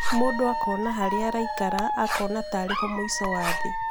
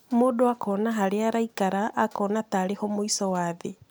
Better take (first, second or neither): second